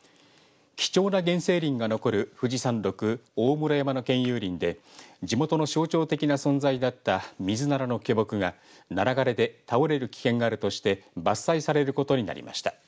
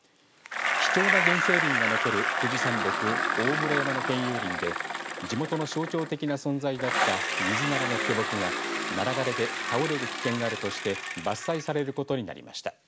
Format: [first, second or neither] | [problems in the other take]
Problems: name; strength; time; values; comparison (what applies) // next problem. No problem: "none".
first | background sound (Bicycle); 1 dB above the speech